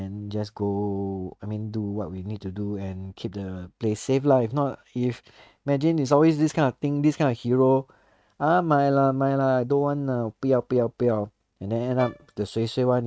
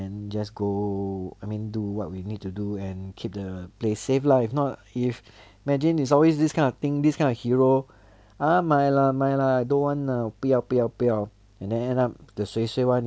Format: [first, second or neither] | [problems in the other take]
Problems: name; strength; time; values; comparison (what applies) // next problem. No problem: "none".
second | noise reduction (neural mask model RNNoise)